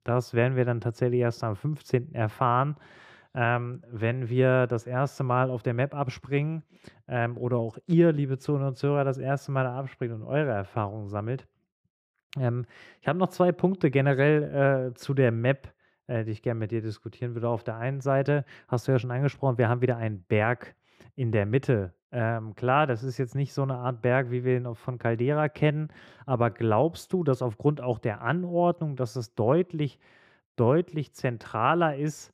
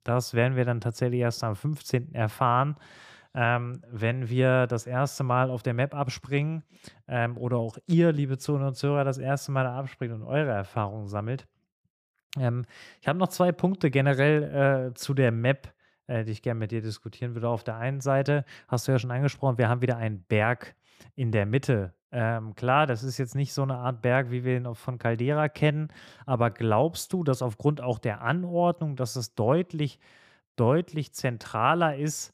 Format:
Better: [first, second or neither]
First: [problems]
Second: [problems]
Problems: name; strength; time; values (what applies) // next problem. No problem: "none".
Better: second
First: muffled; slightly; fading above 4 kHz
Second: none